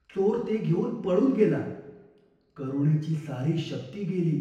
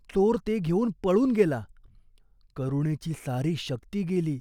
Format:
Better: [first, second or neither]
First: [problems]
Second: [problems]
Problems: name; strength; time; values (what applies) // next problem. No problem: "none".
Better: second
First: room echo; dies away in 0.9 s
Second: none